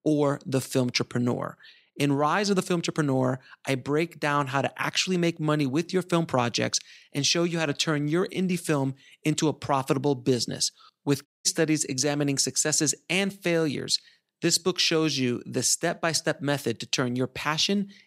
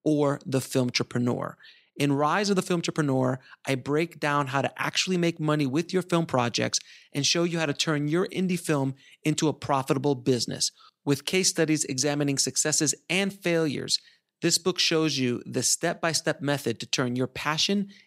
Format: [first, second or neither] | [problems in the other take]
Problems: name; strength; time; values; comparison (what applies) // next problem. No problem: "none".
second | audio cutting out; at 11 s